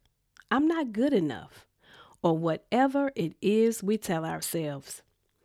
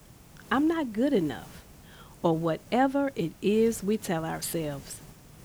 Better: first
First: none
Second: hiss; faint; throughout; 20 dB below the speech

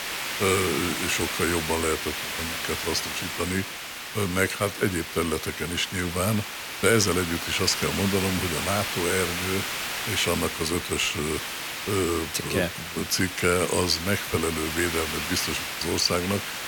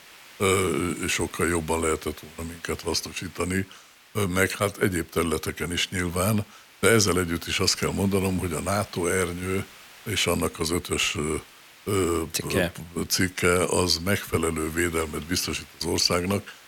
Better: second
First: hiss; loud; throughout; 4 dB below the speech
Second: hiss; faint; throughout; 20 dB below the speech

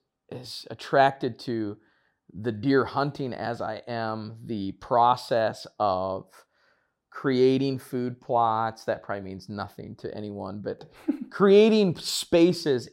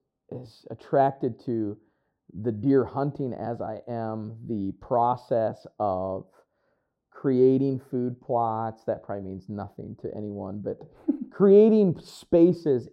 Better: first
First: none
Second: muffled; very; fading above 1 kHz

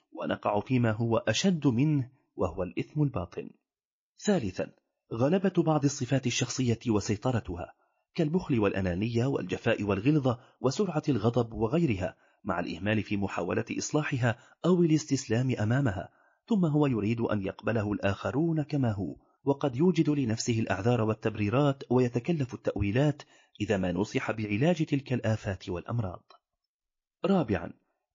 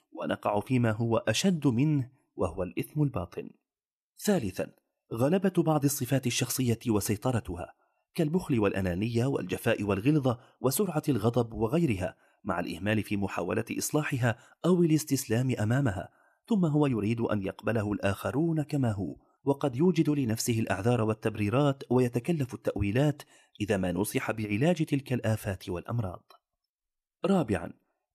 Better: second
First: garbled, watery; slightly; nothing above 6.5 kHz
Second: none

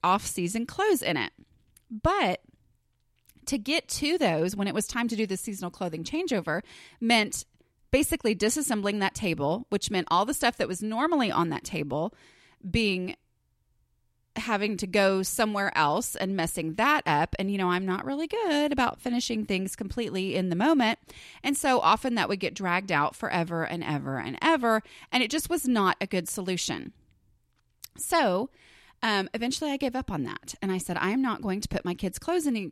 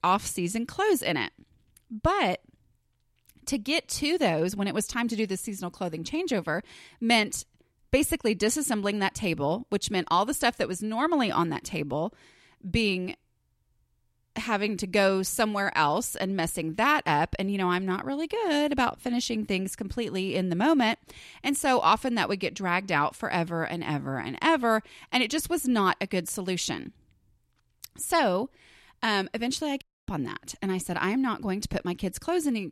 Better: first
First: none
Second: audio cutting out; at 30 s

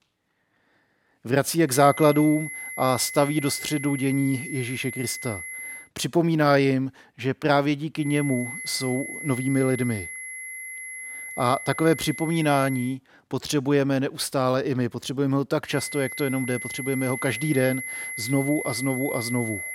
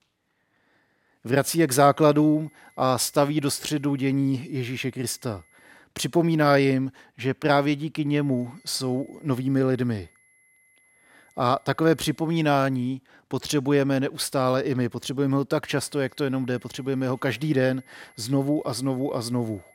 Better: second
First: high-pitched whine; loud; from 2 to 6 s, from 8 to 13 s and from 16 s on; 2 kHz, 8 dB below the speech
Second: high-pitched whine; faint; from 2 to 6 s, from 8 to 13 s and from 16 s on; 2 kHz, 35 dB below the speech

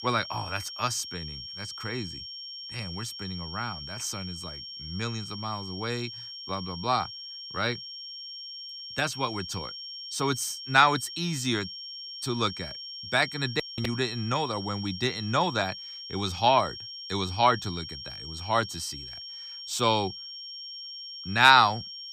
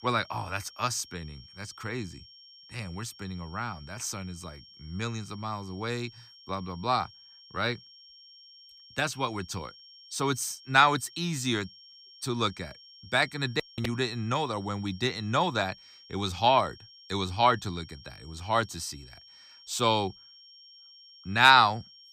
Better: second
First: high-pitched whine; loud; throughout; 5.5 kHz, 10 dB below the speech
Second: high-pitched whine; faint; throughout; 5.5 kHz, 20 dB below the speech

